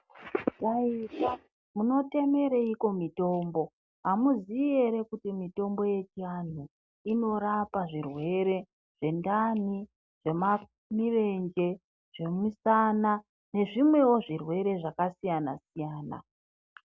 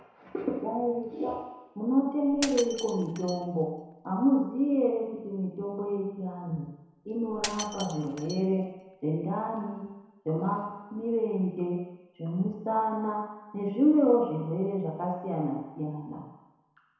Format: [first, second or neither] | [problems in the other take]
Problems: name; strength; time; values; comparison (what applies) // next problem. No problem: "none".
first | background sound (Shatter); 13 dB below the speech // room echo; dies away in 1 s